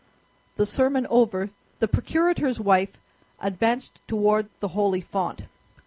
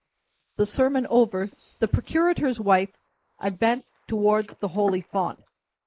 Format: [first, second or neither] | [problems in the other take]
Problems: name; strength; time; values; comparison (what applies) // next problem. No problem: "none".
first | noise reduction (neural mask model Resemble Enhance denoiser)